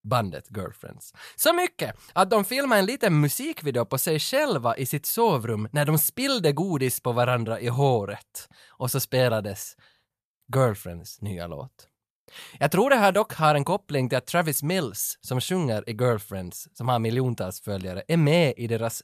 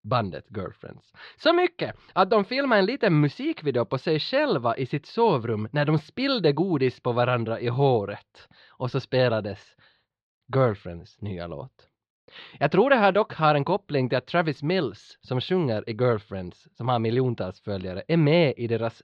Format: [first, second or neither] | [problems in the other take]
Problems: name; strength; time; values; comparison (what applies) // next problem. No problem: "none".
first | muffled; very slightly; fading above 4 kHz